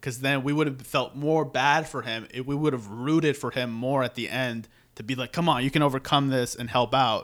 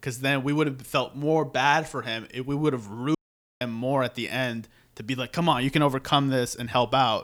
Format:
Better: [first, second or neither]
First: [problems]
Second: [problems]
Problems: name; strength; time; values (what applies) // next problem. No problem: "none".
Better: first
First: none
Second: audio cutting out; at 3 s